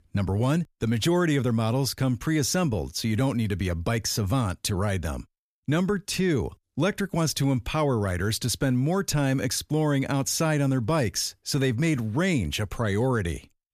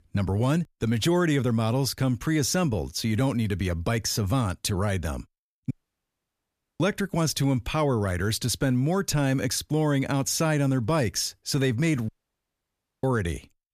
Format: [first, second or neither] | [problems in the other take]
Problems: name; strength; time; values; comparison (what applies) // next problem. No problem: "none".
first | audio cutting out; at 5.5 s for 1 s and at 12 s for 1 s